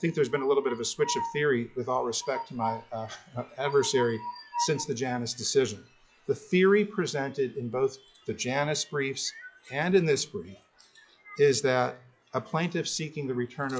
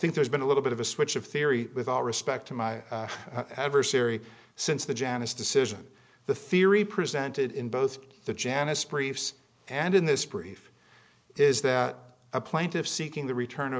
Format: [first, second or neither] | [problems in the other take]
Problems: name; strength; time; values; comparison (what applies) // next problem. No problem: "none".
second | noise reduction (classical method log-MMSE)